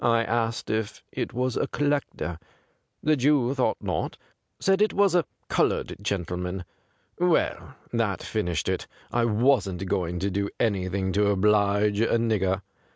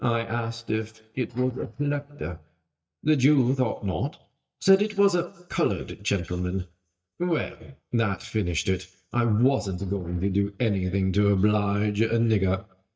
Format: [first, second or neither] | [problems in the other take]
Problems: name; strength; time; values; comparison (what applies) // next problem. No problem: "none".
first | noise reduction (neural mask model DeepFilterNet 3)